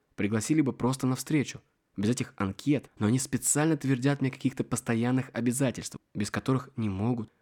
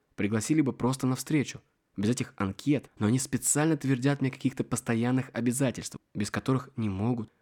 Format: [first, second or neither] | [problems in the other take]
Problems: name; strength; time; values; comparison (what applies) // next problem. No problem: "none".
neither | none